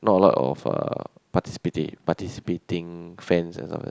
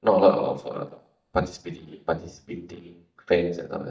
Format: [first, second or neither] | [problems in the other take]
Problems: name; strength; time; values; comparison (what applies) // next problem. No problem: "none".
first | noise reduction (neural mask model DeepFilterNet 3)